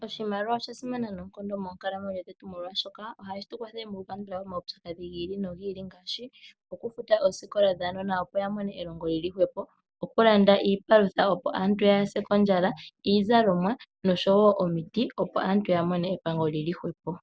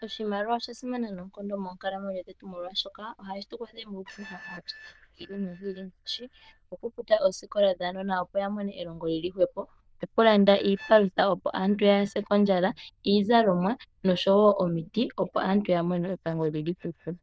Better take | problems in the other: first | noise reduction (neural diffusion model UNIVERSE++)

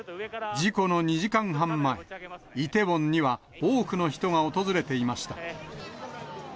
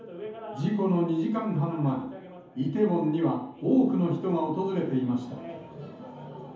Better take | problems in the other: first | room echo; dies away in 0.7 s

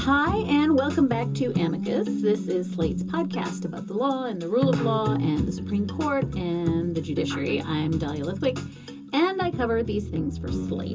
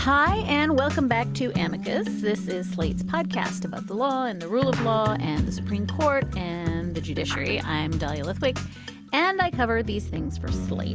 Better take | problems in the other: second | room echo; dies away in 0.2 s

